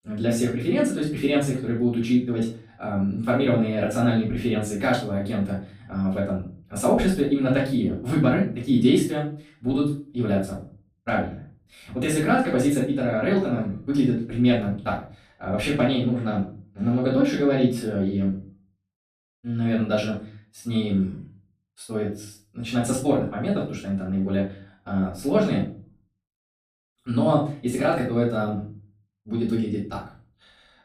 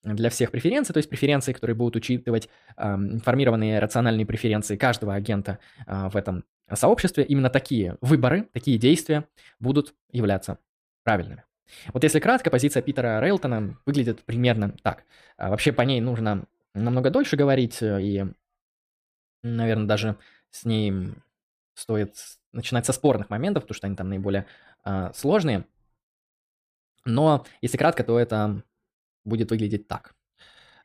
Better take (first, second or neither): second